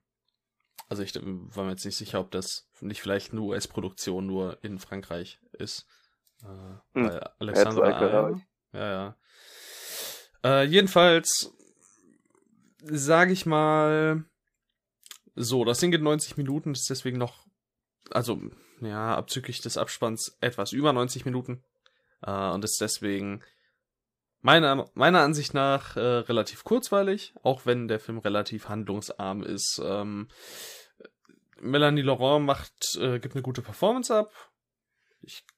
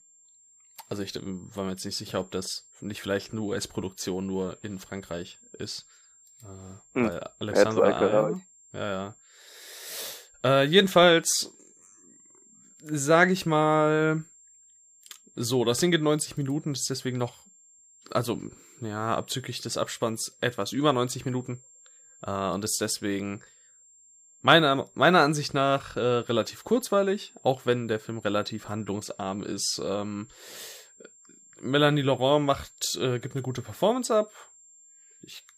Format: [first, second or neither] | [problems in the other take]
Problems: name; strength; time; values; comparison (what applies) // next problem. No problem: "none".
first | high-pitched whine; faint; throughout; 7.5 kHz, 25 dB below the speech